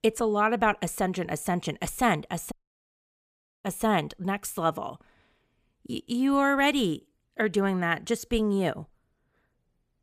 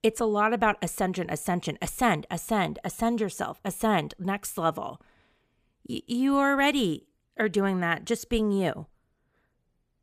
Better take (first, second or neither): second